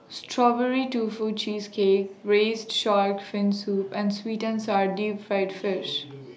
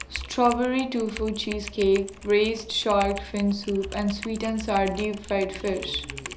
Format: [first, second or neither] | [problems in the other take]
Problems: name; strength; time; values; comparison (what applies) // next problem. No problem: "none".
first | background sound (Typing); 13 dB below the speech